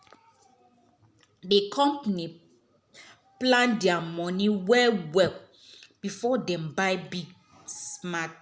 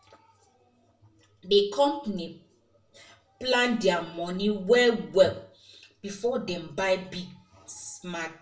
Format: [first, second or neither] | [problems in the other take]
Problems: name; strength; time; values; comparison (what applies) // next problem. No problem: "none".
first | room echo; dies away in 0.3 s